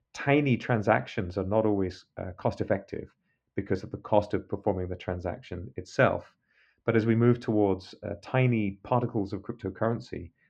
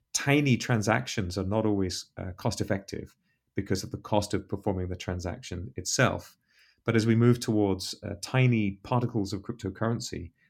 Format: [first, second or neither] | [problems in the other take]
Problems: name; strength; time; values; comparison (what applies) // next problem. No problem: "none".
second | muffled; very; fading above 2.5 kHz